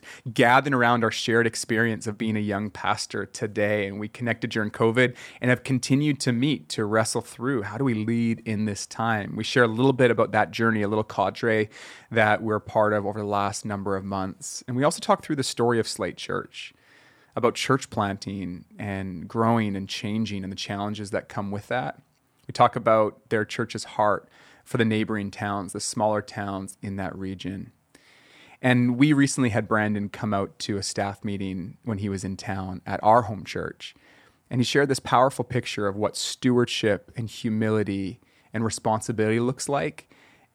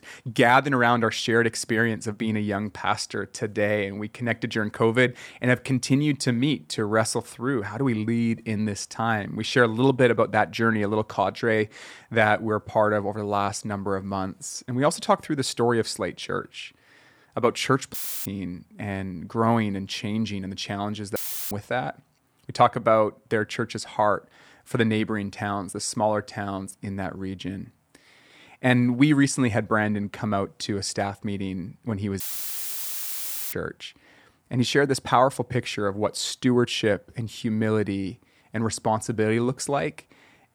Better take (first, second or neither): first